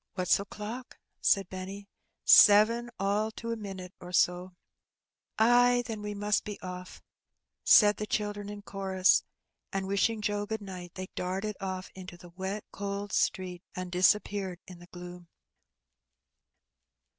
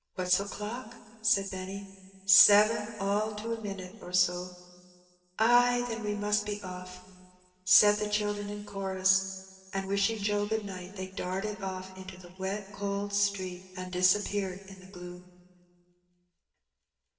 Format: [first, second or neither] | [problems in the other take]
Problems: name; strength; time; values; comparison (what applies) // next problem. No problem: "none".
first | room echo; dies away in 1.8 s